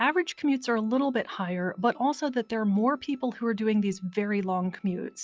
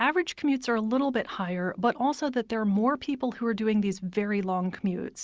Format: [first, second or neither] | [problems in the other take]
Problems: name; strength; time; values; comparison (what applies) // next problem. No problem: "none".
second | noise reduction (classical method log-MMSE)